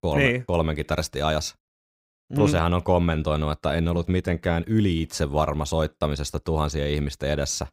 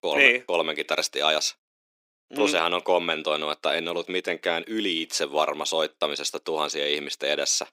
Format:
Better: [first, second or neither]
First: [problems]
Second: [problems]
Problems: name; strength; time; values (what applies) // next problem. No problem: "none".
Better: first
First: none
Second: thin; somewhat; fading below 300 Hz